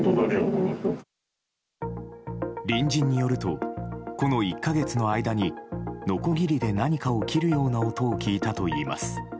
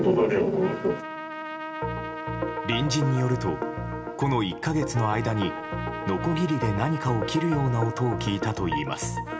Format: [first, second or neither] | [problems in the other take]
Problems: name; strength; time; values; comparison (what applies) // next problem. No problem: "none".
first | background sound (Trumpet); 11 dB below the speech // room echo; dies away in 1 s